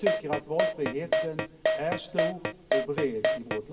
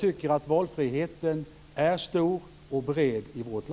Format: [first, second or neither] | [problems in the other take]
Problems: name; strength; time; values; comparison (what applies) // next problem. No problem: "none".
second | background sound (Keyboard (musical)); 4 dB above the speech // room echo; dies away in 1.6 s